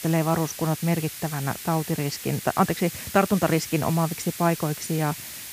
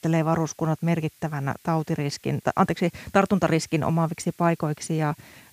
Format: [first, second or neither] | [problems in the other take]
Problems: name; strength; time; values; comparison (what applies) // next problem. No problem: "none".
second | hiss; loud; throughout; 9 dB below the speech; faint in the second